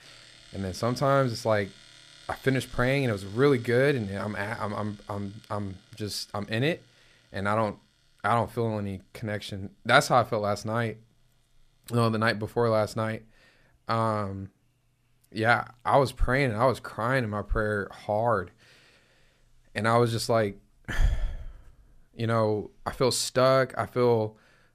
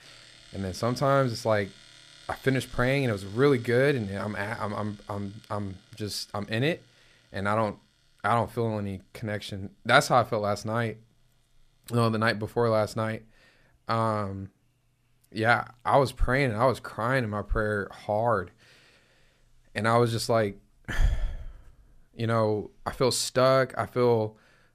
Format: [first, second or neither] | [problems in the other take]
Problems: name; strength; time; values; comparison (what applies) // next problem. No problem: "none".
neither | household noises; faint; throughout; 25 dB below the speech; the same in both